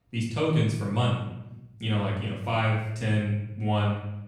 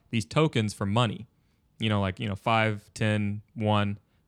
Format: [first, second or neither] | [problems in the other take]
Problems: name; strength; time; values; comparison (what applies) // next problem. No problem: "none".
second | off-mic speech; far // room echo; noticeable; dies away in 0.8 s